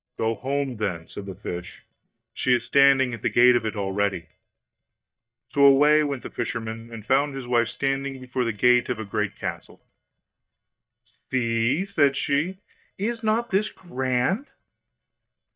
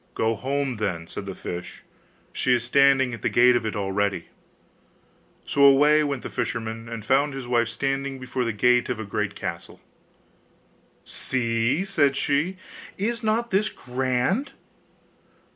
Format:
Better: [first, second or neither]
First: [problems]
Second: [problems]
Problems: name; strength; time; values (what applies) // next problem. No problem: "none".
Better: second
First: noise reduction (neural mask model DeepFilterNet 3)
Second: none